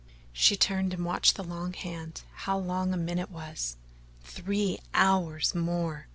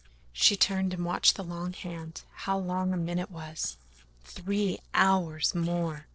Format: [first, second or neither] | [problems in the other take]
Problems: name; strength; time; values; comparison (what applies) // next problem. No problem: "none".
first | noise reduction (neural separator model SepFormer DNS4)